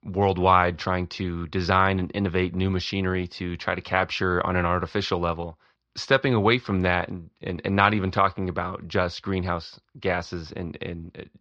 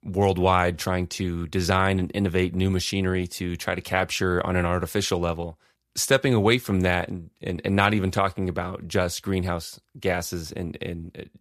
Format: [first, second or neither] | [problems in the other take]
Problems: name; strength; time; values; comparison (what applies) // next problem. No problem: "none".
second | muffled; very slightly; fading above 5 kHz